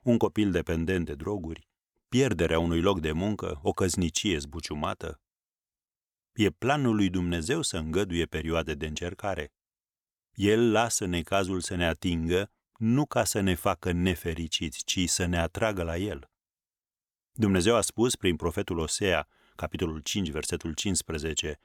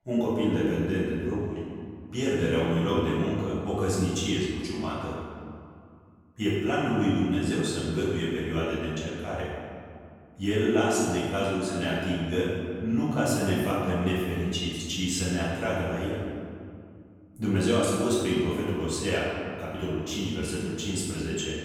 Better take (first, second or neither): first